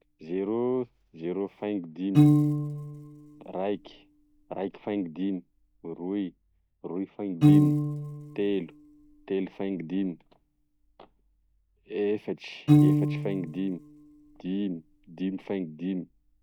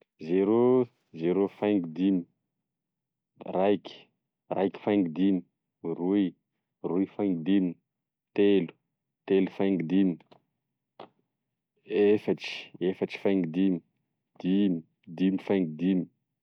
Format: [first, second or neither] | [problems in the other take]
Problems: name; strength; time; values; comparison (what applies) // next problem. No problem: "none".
second | background sound (Piano); 4 dB above the speech